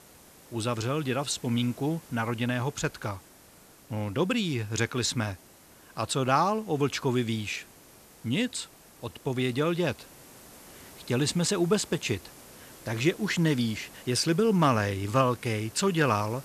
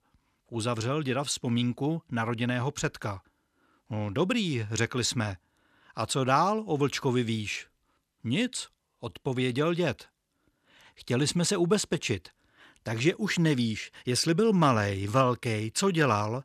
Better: second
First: hiss; faint; throughout; 20 dB below the speech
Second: none

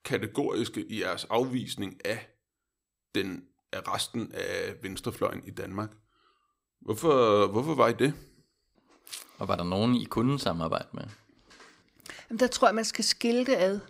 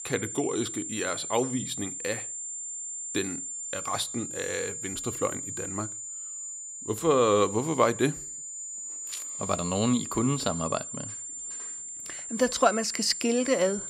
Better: first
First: none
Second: high-pitched whine; loud; throughout; 7 kHz, 6 dB below the speech

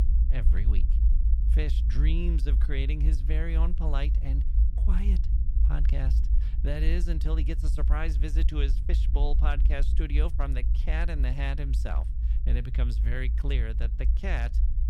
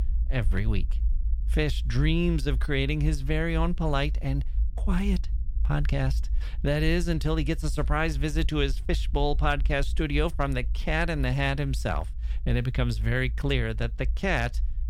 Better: second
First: low rumble; loud; throughout; 9 dB below the speech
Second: low rumble; faint; throughout; 25 dB below the speech

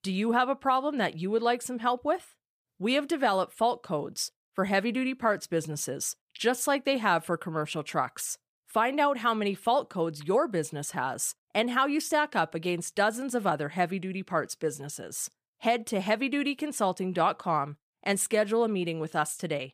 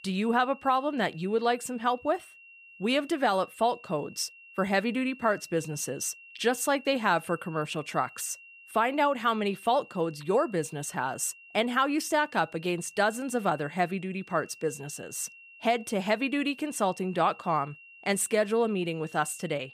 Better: first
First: none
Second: high-pitched whine; faint; throughout; 2.5 kHz, 20 dB below the speech

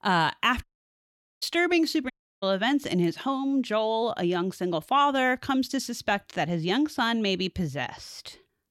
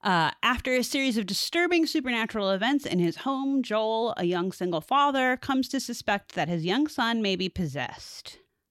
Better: second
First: audio cutting out; at 0.5 s for 1 s and at 2 s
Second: none

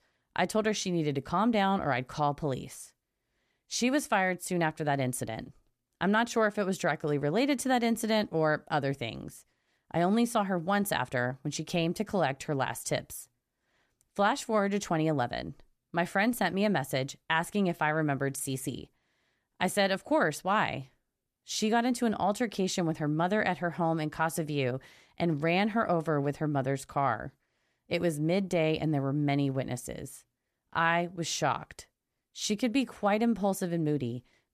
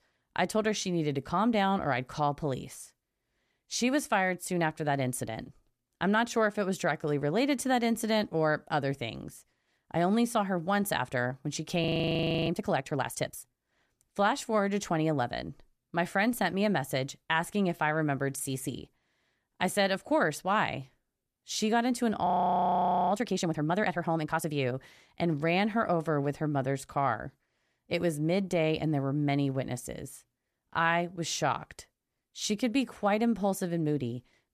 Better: first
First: none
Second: audio freezing; at 12 s for 0.5 s and at 22 s for 1 s

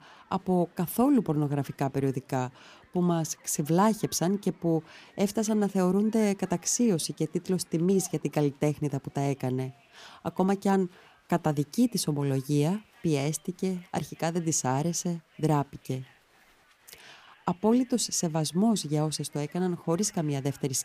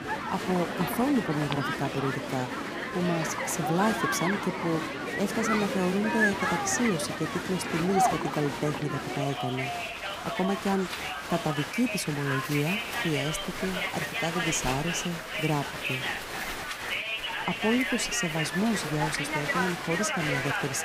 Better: first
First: crowd noise; faint; throughout; 30 dB below the speech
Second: crowd noise; loud; throughout; as loud as the speech

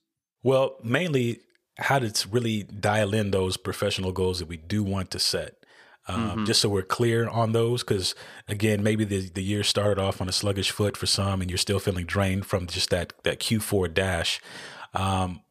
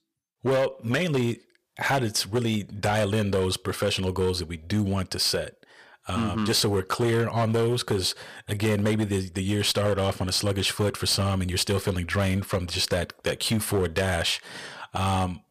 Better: first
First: none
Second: distortion; slight; 9% of the sound clipped

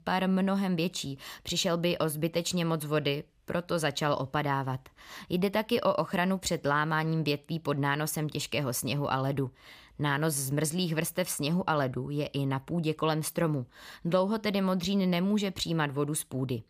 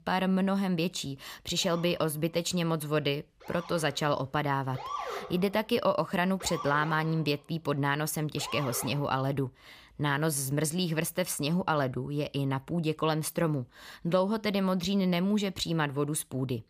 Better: first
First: none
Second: siren; noticeable; from 1.5 to 9 s; peak 6 dB below the speech

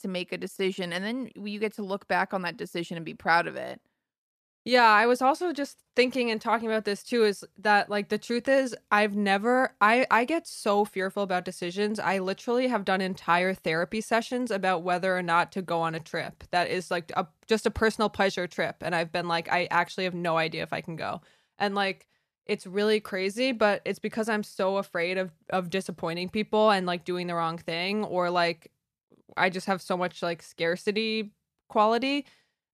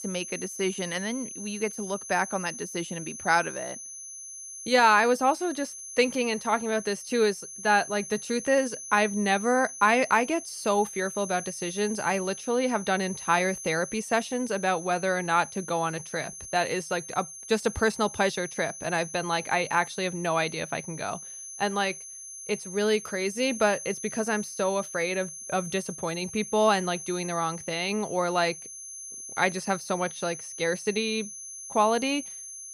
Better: first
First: none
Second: high-pitched whine; noticeable; throughout; 6.5 kHz, 10 dB below the speech

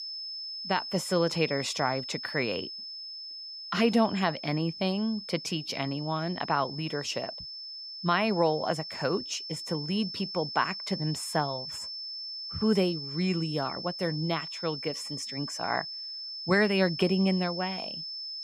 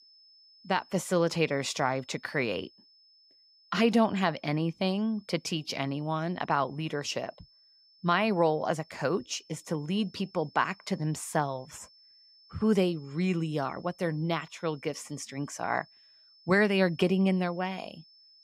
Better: second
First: high-pitched whine; loud; throughout; 5.5 kHz, 7 dB below the speech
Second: high-pitched whine; faint; throughout; 5.5 kHz, 25 dB below the speech

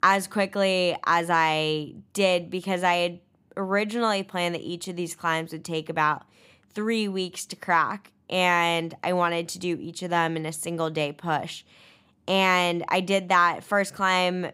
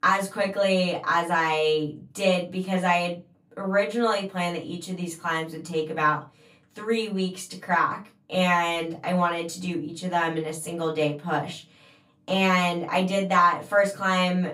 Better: first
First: none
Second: off-mic speech; far // room echo; very slight; dies away in 0.2 s

